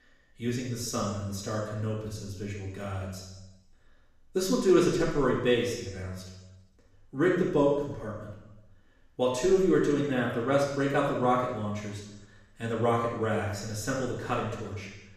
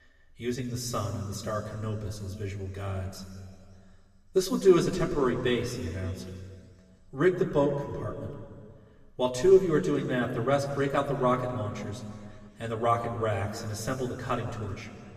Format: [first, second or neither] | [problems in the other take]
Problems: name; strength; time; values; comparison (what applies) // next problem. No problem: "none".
second | room echo; strong; dies away in 0.9 s; slight in the second // off-mic speech; far; somewhat distant in the second